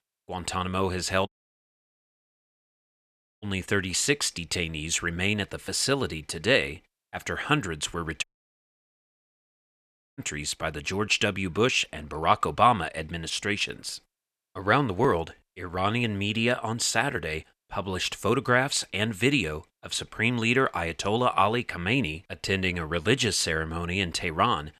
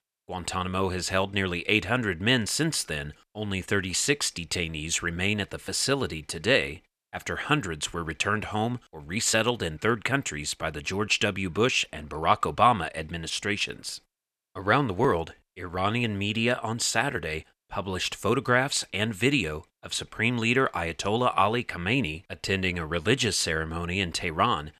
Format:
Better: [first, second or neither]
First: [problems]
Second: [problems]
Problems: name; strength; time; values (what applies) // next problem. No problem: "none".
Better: second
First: audio cutting out; at 1.5 s for 2 s and at 8 s for 2 s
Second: none